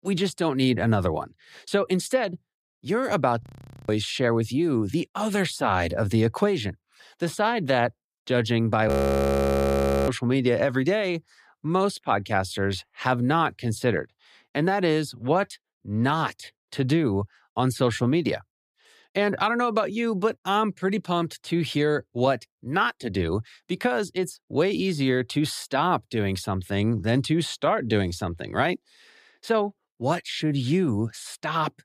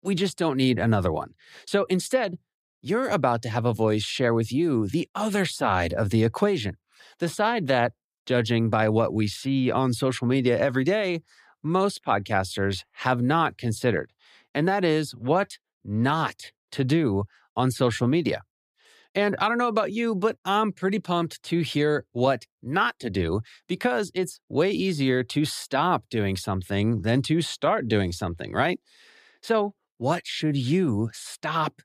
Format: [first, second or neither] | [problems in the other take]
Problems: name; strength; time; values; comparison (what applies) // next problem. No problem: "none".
second | audio freezing; at 3.5 s and at 9 s for 1 s